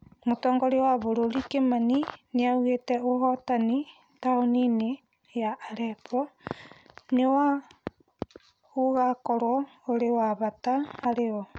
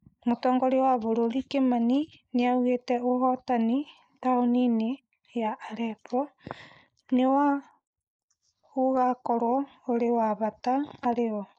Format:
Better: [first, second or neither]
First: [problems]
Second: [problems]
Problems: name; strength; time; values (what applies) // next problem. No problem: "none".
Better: first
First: none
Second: noise reduction (neural mask model Resemble Enhance denoiser)